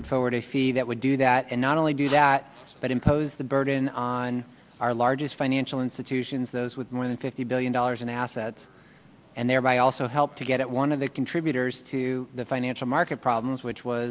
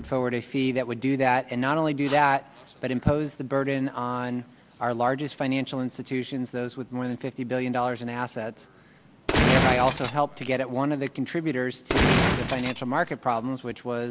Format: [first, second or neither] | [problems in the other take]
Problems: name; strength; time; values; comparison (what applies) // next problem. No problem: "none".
first | background sound (Gunshot, gunfire); 2 dB above the speech